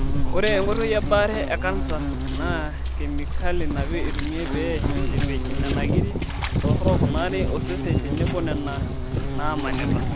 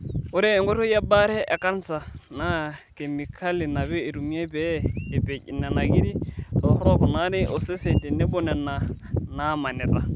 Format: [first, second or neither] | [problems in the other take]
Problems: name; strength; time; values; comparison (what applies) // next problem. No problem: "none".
second | background sound (Insect); as loud as the speech